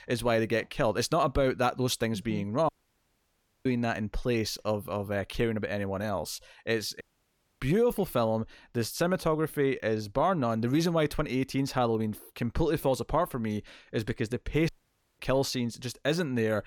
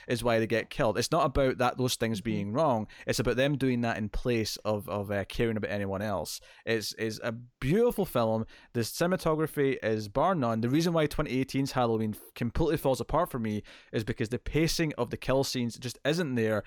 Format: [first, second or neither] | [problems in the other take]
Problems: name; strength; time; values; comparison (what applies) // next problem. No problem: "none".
second | audio cutting out; at 2.5 s for 1 s, at 7 s for 0.5 s and at 15 s for 0.5 s